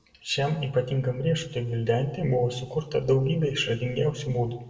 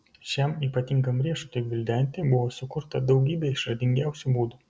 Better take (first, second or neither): second